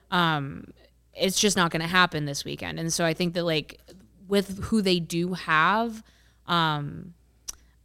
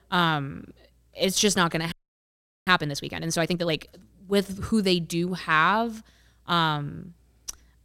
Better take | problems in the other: first | audio freezing; at 2 s for 1 s

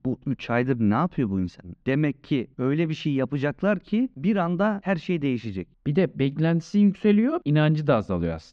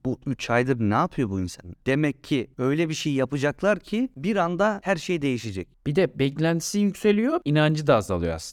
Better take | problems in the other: second | muffled; slightly; fading above 4 kHz

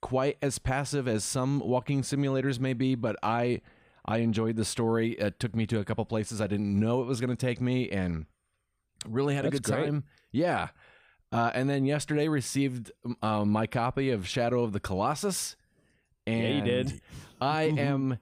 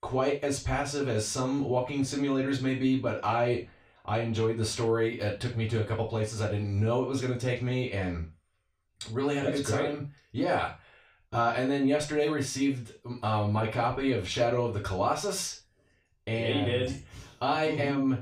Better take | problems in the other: first | room echo; slight; dies away in 0.3 s // off-mic speech; far

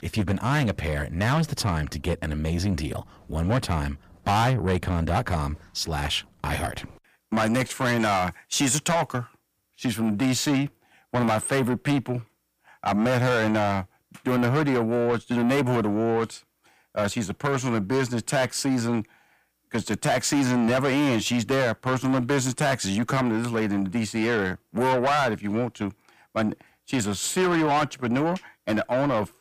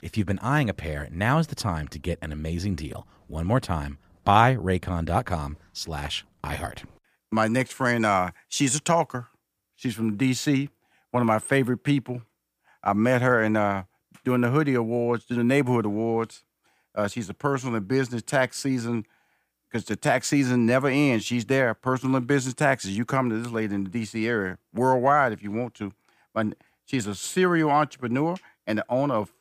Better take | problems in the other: second | distortion; heavy; 7 dB below the speech

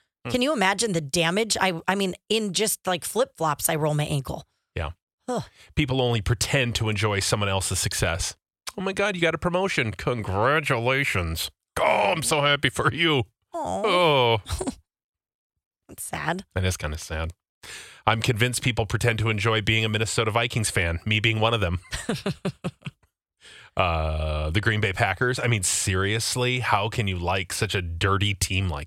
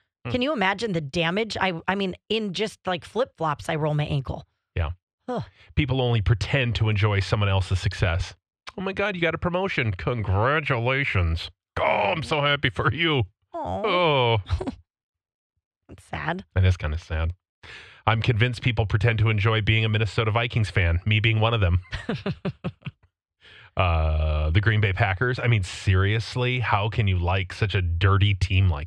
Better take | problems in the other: first | muffled; slightly; fading above 3 kHz

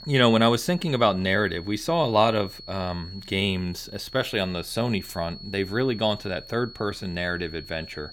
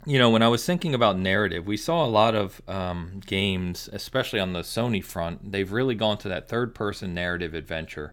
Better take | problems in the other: second | high-pitched whine; noticeable; throughout; 4.5 kHz, 15 dB below the speech

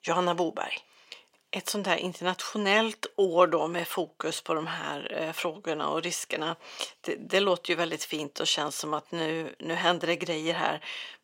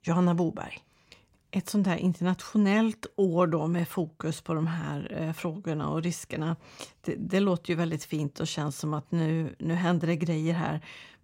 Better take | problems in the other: second | thin; very; fading below 500 Hz

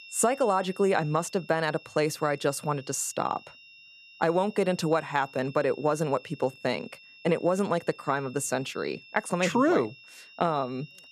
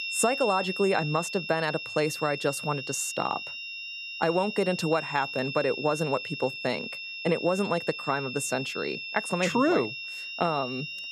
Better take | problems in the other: first | high-pitched whine; loud; throughout; 2.5 kHz, 6 dB below the speech; faint in the first

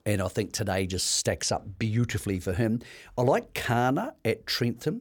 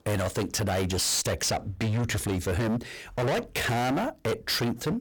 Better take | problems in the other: first | distortion; heavy; 32% of the sound clipped

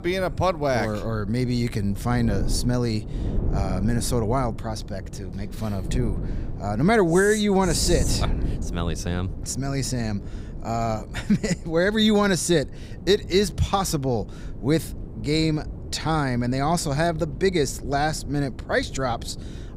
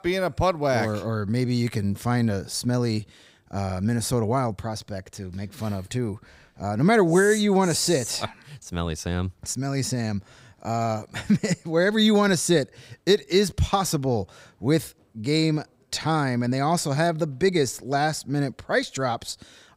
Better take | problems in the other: second | wind noise on the microphone; occasional gusts; 15 dB below the speech

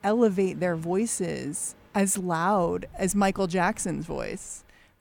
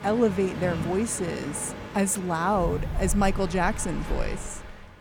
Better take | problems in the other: first | train or aircraft noise; loud; throughout; 8 dB below the speech; faint in the first

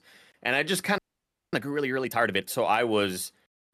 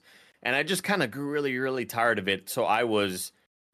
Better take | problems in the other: second | audio freezing; at 1 s for 0.5 s

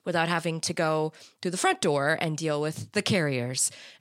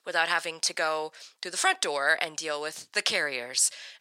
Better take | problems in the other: first | thin; very; fading below 600 Hz

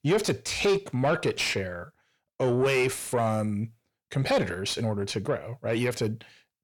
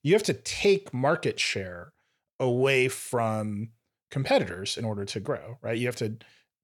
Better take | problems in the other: second | distortion; slight; 10 dB below the speech

